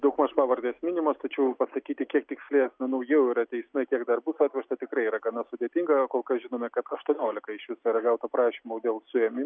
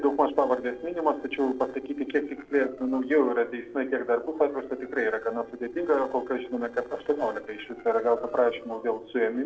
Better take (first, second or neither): first